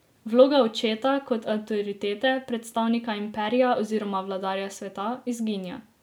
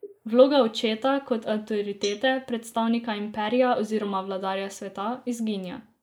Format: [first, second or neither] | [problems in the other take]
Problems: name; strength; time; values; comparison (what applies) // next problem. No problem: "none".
first | noise reduction (neural mask model Resemble Enhance denoiser)